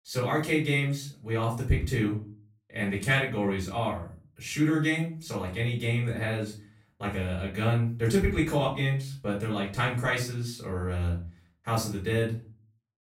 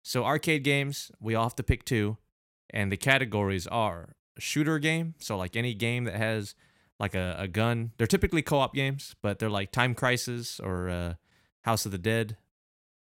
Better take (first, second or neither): second